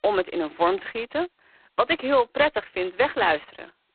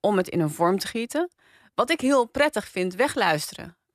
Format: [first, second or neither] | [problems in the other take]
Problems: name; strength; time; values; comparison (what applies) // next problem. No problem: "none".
second | phone-call audio; poor line; nothing above 4 kHz